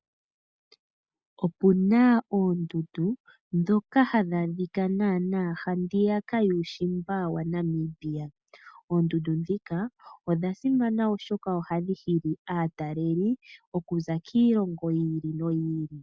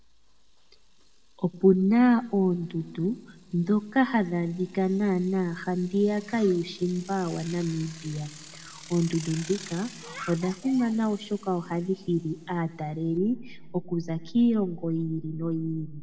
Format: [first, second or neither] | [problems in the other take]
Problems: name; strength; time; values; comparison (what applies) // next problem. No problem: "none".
first | background sound (Bicycle); 18 dB below the speech // room echo; dies away in 1.4 s